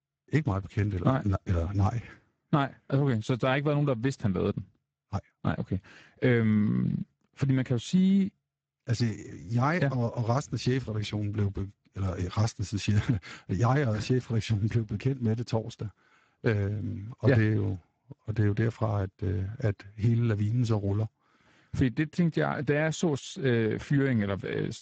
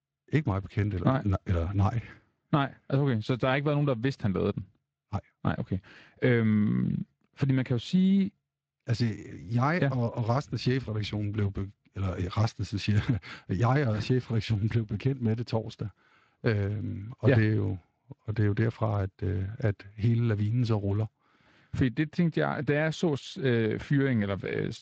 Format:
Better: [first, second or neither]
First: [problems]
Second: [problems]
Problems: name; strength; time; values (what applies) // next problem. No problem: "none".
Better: second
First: garbled, watery; badly; nothing above 7.5 kHz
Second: garbled, watery; slightly; nothing above 7.5 kHz